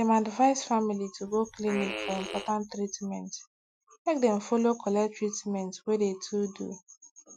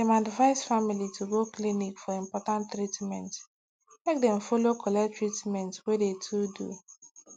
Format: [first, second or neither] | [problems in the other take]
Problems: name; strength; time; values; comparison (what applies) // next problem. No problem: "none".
second | noise reduction (classical method Wiener filter)